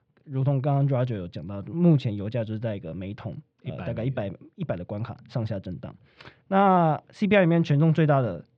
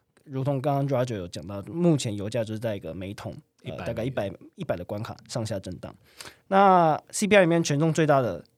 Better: second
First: muffled; slightly; fading above 3.5 kHz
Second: none

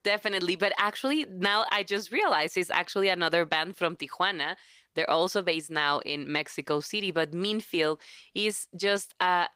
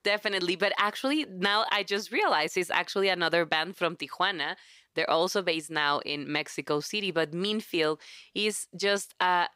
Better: second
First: garbled, watery; slightly; nothing above 15.5 kHz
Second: none

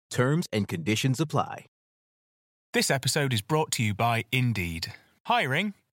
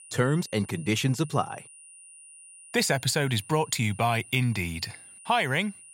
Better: first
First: none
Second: high-pitched whine; noticeable; throughout; 9.5 kHz, 20 dB below the speech

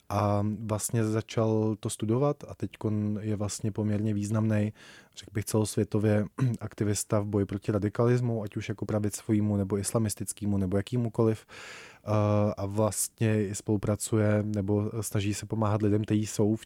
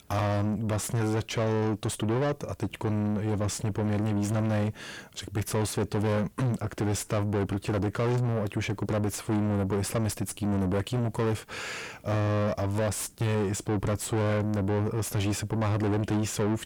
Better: first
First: none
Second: distortion; heavy; 7 dB below the speech

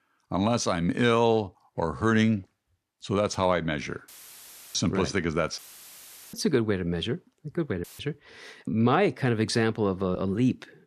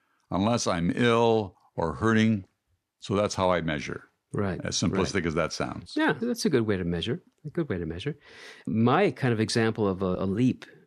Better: second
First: audio cutting out; filled with static; at 4 s for 0.5 s, at 5.5 s for 1 s and at 8 s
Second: none

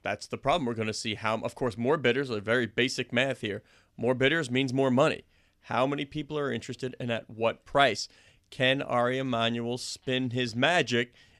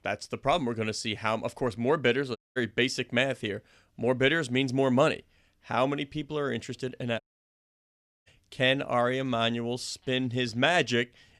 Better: first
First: none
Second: audio cutting out; at 2.5 s and at 7 s for 1 s

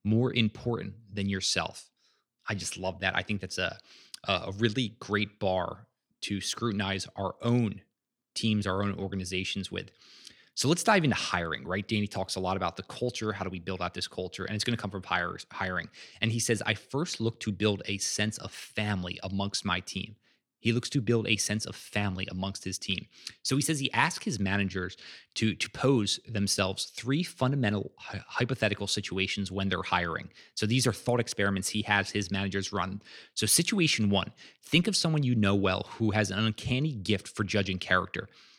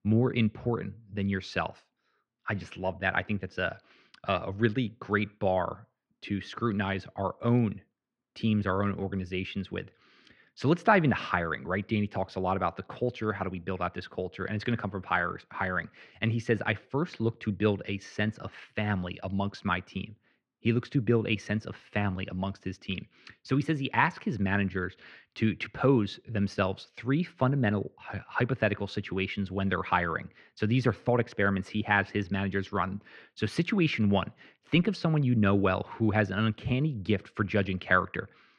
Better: first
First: none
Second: muffled; very; fading above 2 kHz

